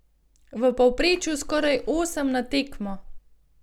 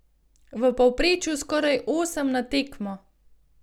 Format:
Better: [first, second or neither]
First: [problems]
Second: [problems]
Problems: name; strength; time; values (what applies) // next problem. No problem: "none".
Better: second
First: background sound (Water / Splash, splatter); 13 dB below the speech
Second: none